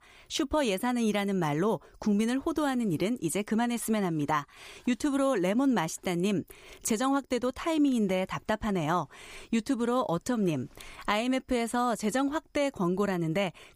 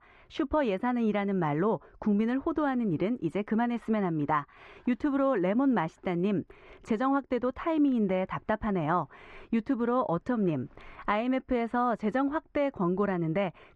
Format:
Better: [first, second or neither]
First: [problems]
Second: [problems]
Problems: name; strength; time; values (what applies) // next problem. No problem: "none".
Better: first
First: none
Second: muffled; very; fading above 1.5 kHz